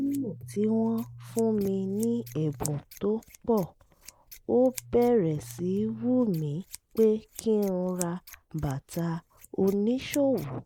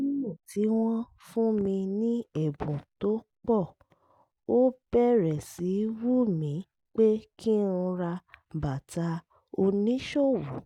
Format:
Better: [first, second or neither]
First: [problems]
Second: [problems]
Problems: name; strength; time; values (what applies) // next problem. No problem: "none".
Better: second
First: noise reduction (neural mask model Resemble Enhance denoiser)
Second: none